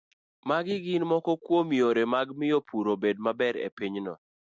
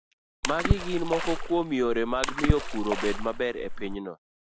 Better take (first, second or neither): first